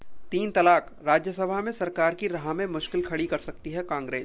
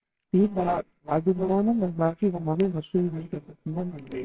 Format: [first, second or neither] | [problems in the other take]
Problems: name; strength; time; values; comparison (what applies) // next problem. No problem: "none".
first | noise reduction (neural separator model SepFormer WHAMR!)